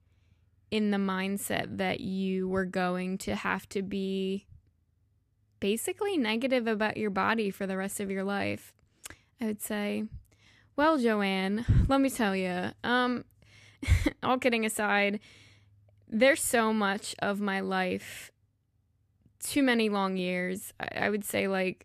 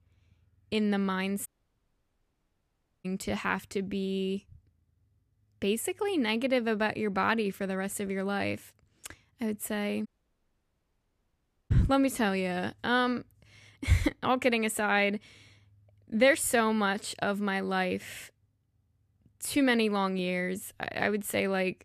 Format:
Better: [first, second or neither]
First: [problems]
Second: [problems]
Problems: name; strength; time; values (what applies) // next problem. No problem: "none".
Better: first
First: none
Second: audio cutting out; at 1.5 s for 1.5 s and at 10 s for 1.5 s